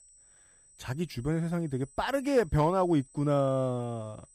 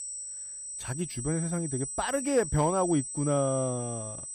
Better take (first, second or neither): first